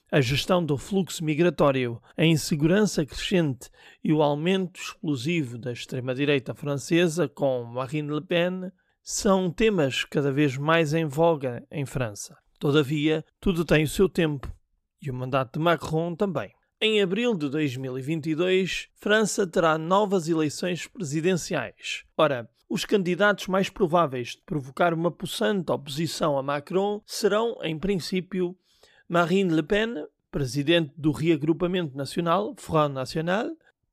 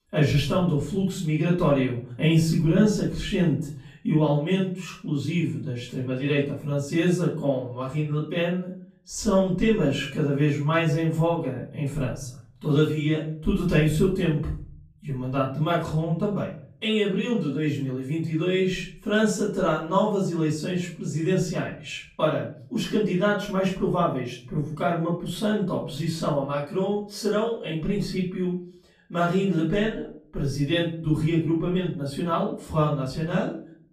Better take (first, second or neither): first